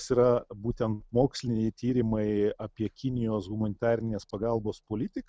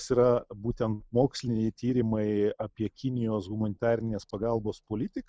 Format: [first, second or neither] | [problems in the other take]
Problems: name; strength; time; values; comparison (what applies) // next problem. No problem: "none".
first | noise reduction (neural mask model Resemble Enhance denoiser)